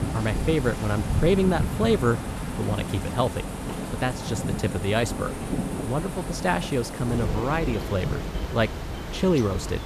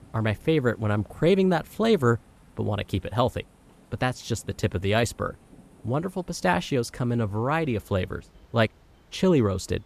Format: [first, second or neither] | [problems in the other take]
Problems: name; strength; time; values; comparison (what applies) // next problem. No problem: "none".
second | rain or running water; loud; throughout; 5 dB below the speech; faint in the second